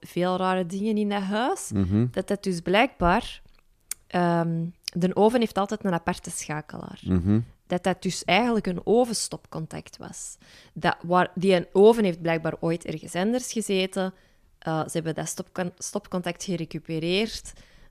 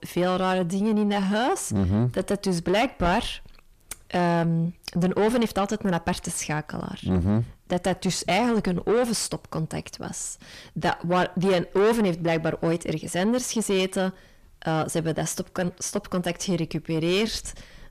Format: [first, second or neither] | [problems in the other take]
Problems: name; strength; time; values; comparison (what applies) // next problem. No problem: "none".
first | distortion; heavy; 7 dB below the speech